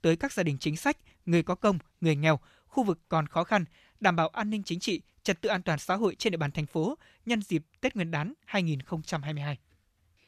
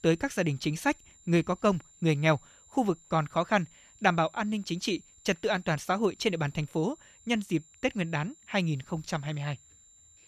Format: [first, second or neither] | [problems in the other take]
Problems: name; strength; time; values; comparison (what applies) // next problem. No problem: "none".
first | high-pitched whine; faint; throughout; 7 kHz, 25 dB below the speech